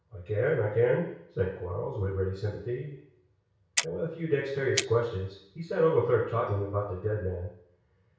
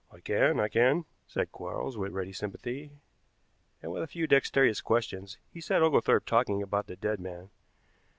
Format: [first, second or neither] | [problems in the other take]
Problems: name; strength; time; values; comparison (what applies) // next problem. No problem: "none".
second | background sound (Clock); 7 dB below the speech // room echo; dies away in 0.6 s